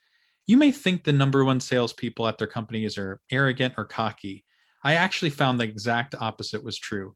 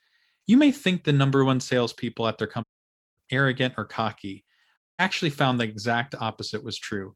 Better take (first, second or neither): first